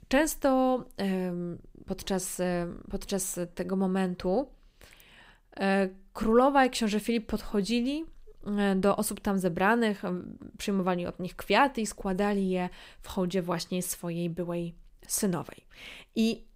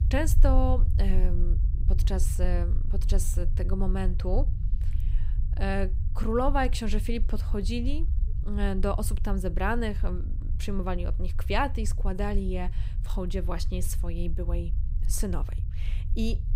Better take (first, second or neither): first